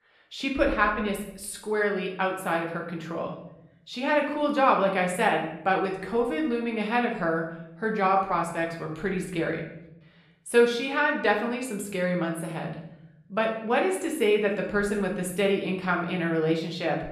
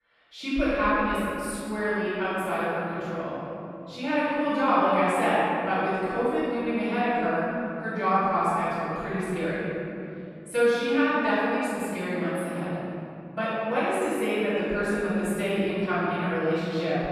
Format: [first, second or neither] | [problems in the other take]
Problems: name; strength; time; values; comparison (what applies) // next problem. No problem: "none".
first | room echo; strong; dies away in 3 s; slight in the first // off-mic speech; far; somewhat distant in the first